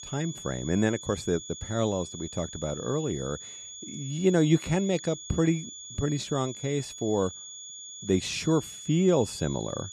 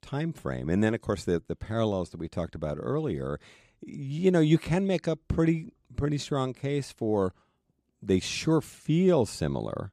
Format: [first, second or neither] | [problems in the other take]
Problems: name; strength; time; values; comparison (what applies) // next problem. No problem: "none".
second | high-pitched whine; noticeable; throughout; 7 kHz, 10 dB below the speech